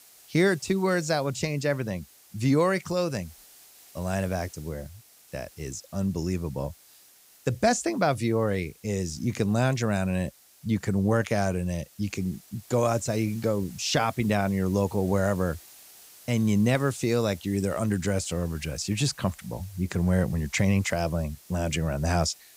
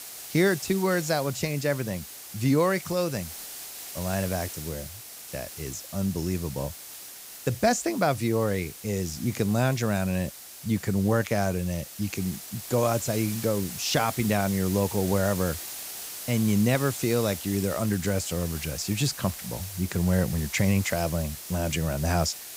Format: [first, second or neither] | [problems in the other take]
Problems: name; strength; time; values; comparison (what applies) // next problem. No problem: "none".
first | hiss; loud; throughout; 10 dB below the speech; faint in the first